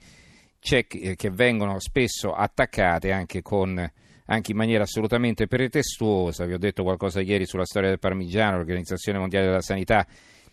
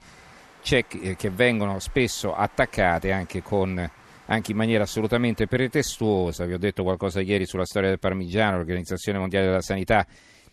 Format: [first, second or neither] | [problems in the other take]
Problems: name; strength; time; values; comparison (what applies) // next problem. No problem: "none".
first | crowd noise; faint; throughout; 25 dB below the speech